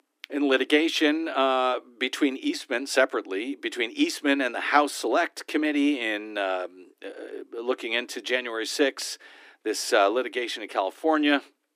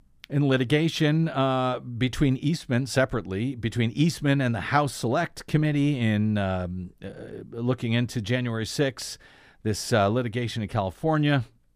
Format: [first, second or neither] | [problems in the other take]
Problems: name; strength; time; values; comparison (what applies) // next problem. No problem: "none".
second | thin; somewhat; fading below 300 Hz